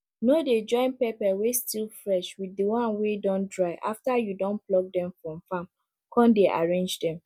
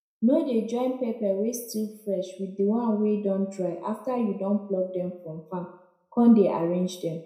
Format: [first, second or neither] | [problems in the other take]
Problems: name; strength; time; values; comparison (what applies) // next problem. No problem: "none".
first | room echo; dies away in 0.5 s